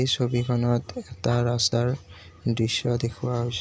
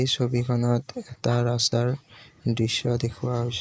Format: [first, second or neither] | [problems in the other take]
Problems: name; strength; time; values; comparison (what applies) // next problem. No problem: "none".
first | noise reduction (neural mask model Resemble Enhance denoiser)